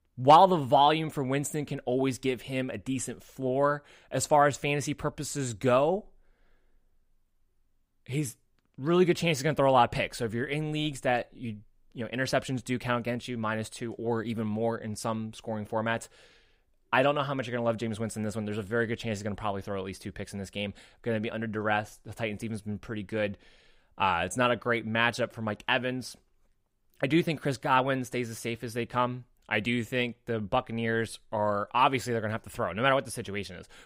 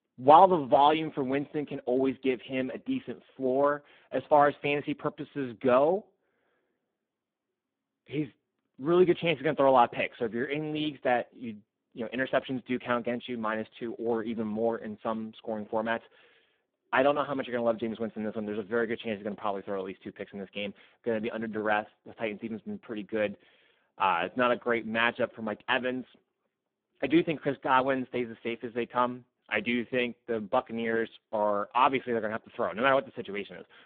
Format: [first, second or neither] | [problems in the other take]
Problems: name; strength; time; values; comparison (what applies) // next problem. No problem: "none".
first | phone-call audio; poor line